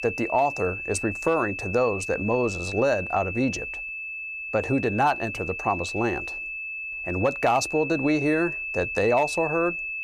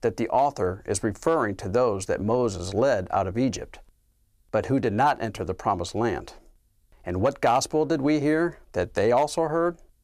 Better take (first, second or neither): second